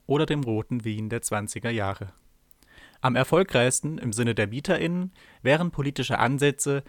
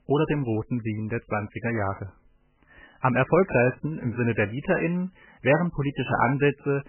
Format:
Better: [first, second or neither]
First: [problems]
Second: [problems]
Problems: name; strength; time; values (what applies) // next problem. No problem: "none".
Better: first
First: none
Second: garbled, watery; badly; nothing above 2.5 kHz